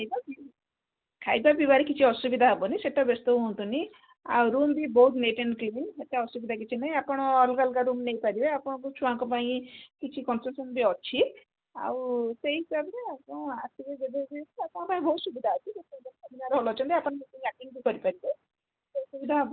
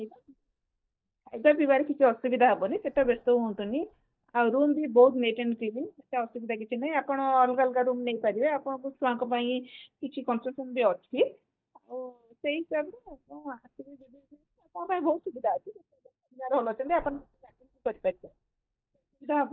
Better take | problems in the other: first | noise reduction (neural mask model DeepFilterNet 3)

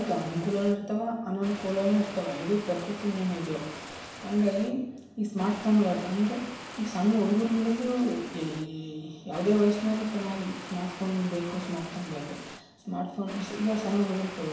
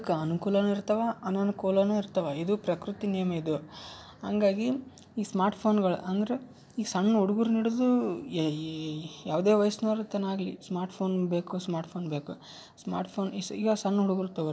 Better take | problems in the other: second | background sound (Water); 14 dB below the speech // room echo; dies away in 0.8 s

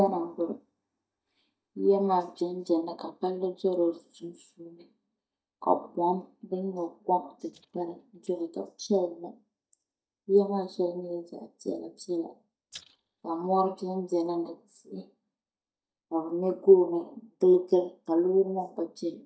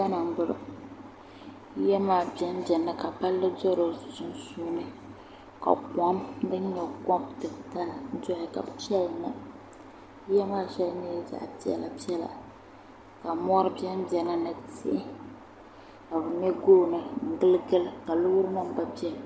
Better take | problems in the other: second | noise reduction (neural mask model DeepFilterNet 3)

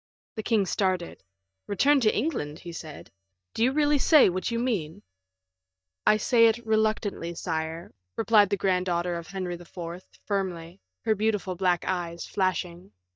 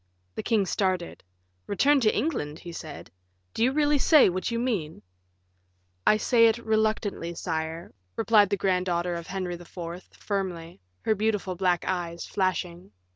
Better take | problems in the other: second | noise reduction (neural mask model DeepFilterNet 3)

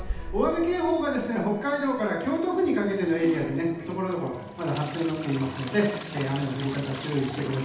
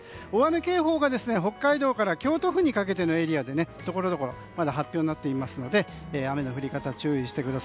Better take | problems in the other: second | background sound (Trickle, dribble / Toilet flush); 13 dB below the speech // room echo; dies away in 0.8 s

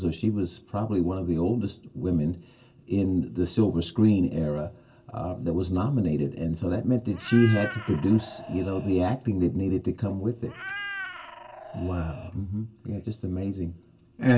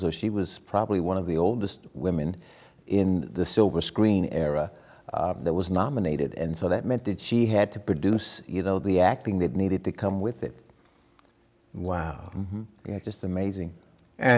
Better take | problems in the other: second | background sound (Meow); 12 dB below the speech // room echo; dies away in 0.2 s

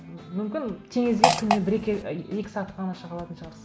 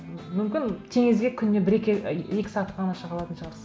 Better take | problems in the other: second | background sound (Fart); 4 dB above the speech

